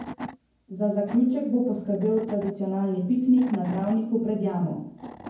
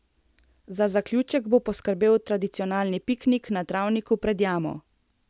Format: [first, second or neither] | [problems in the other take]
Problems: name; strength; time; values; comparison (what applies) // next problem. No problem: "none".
second | background sound (Wood / Tools); 17 dB below the speech // room echo; dies away in 0.9 s